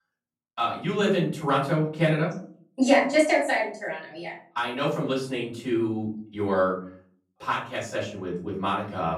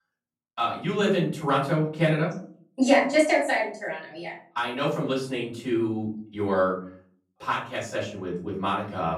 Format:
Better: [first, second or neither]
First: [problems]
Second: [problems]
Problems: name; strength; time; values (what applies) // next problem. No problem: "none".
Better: neither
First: off-mic speech; far // room echo; noticeable; dies away in 0.4 s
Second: off-mic speech; far // room echo; noticeable; dies away in 0.4 s